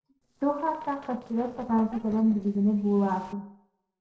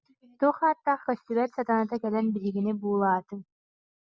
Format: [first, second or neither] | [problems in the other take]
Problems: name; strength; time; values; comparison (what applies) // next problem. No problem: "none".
second | noise reduction (neural separator model SepFormer DNS4)